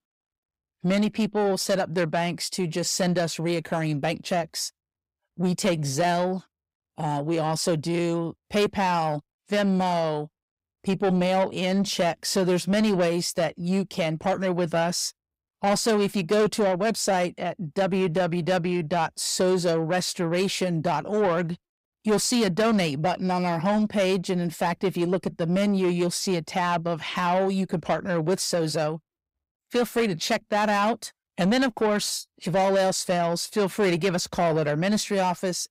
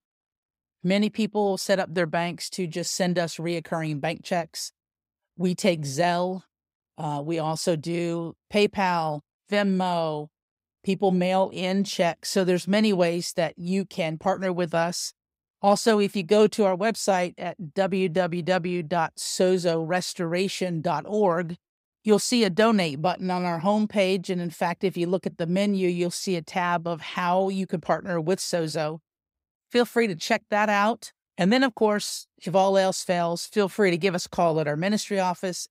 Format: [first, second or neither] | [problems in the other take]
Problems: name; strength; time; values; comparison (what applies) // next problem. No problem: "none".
second | distortion; slight; 10 dB below the speech